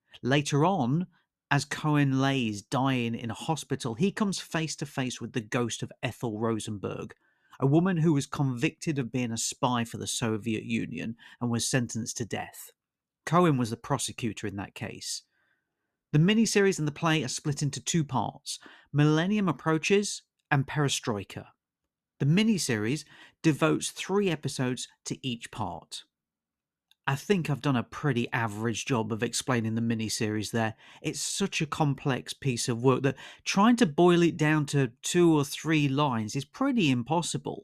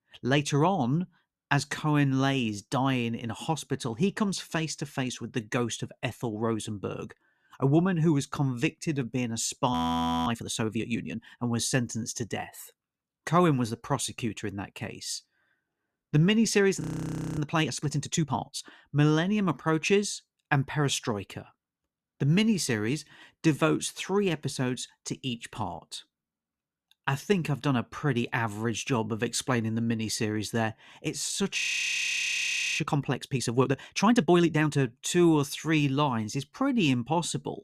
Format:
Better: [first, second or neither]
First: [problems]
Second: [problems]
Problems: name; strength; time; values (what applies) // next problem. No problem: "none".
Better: first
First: none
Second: audio freezing; at 9.5 s for 0.5 s, at 17 s for 0.5 s and at 32 s for 1 s